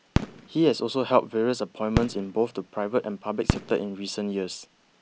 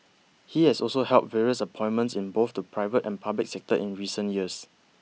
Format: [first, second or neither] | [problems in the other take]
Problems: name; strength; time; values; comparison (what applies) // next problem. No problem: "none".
second | background sound (Fireworks); 6 dB below the speech